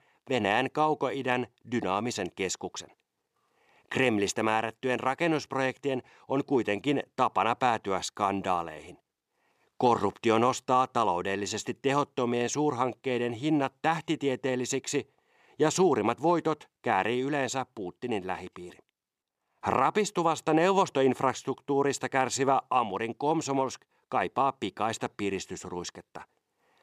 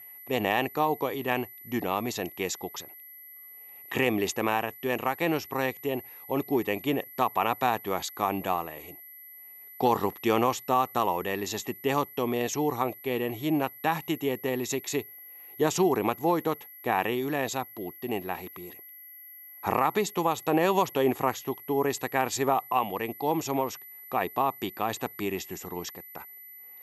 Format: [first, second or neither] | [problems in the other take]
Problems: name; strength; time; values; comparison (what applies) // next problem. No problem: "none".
first | high-pitched whine; noticeable; throughout; 12 kHz, 15 dB below the speech